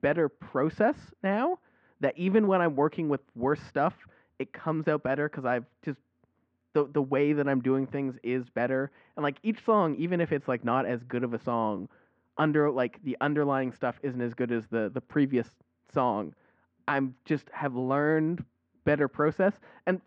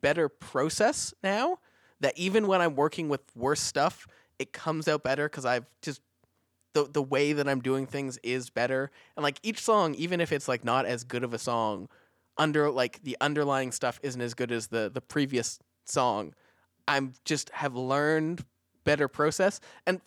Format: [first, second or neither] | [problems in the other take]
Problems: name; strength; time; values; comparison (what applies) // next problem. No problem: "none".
second | muffled; very; fading above 2 kHz